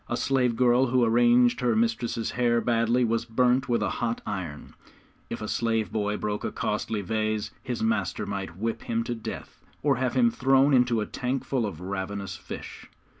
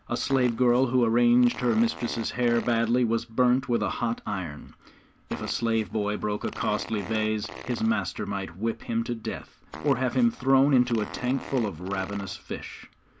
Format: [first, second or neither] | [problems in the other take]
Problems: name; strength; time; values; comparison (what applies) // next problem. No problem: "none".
first | background sound (Fart); 16 dB below the speech